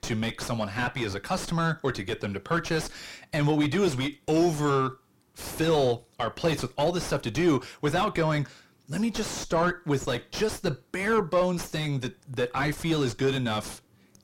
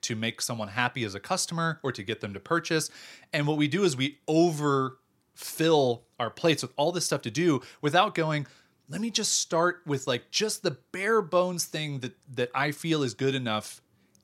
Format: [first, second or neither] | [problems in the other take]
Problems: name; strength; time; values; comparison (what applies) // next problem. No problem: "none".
second | distortion; heavy; 3 dB below the speech